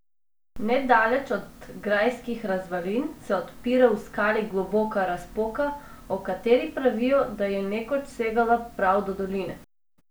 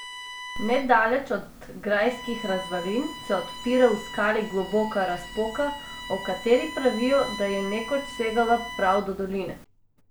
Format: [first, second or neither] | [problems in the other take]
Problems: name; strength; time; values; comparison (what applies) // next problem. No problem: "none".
first | background sound (Bowed string instrument); 13 dB below the speech